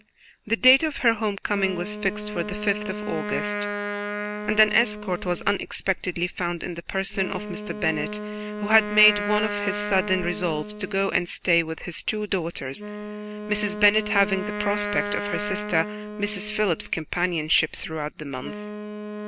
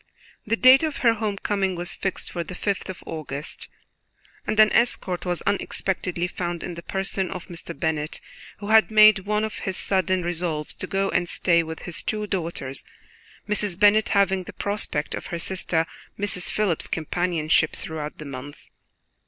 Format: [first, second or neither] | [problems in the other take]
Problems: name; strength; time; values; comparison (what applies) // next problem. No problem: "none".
second | background sound (Wind instrument, woodwind instrument); 7 dB below the speech